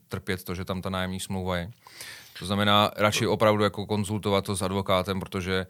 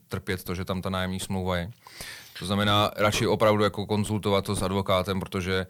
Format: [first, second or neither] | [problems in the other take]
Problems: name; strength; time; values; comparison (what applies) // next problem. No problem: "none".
first | distortion; slight; 9 dB below the speech